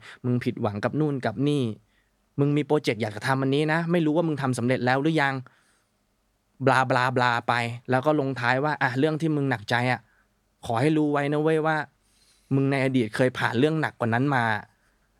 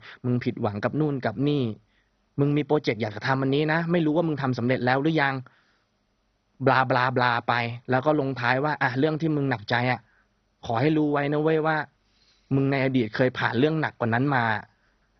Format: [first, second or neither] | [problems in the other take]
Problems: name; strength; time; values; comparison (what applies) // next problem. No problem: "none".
first | garbled, watery; badly; nothing above 6 kHz